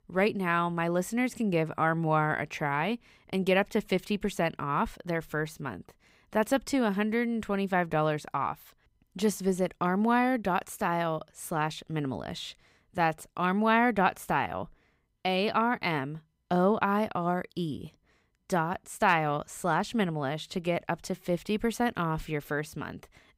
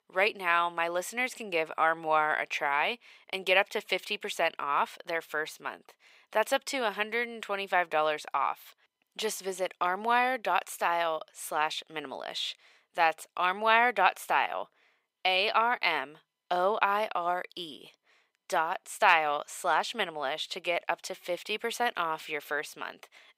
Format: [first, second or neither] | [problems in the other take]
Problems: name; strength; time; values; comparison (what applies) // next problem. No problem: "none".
first | thin; very; fading below 650 Hz